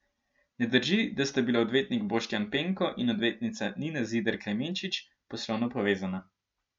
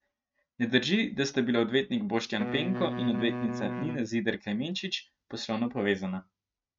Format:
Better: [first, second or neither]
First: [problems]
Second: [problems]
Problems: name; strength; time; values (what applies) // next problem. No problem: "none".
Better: first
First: none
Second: noise reduction (neural mask model RNNoise)